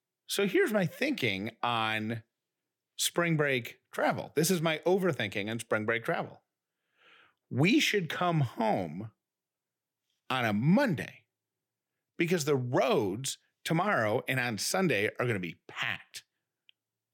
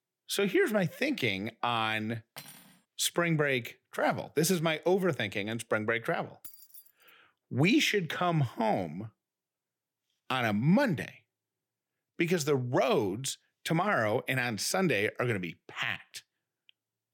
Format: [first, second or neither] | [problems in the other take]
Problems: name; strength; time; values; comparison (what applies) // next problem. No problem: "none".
first | clattering dishes; faint; at 2.5 s; peak 15 dB below the speech // jangling keys; faint; at 6.5 s; peak 15 dB below the speech